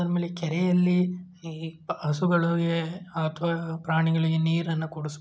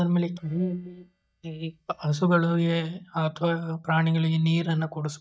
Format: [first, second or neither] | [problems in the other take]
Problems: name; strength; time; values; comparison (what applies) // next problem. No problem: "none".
first | noise reduction (neural mask model DeepFilterNet 3)